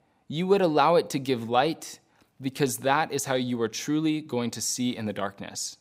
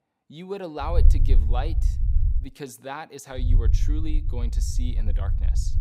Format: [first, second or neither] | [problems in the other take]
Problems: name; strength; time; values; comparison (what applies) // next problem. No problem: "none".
first | low rumble; loud; from 1 to 2.5 s and from 3.5 s on; 9 dB below the speech